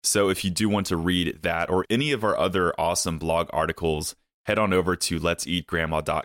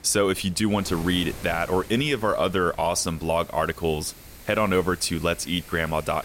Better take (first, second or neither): first